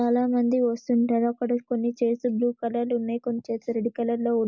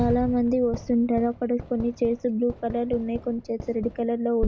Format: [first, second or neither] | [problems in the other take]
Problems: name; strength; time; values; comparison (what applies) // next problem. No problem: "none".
first | background sound (Fireworks); 10 dB below the speech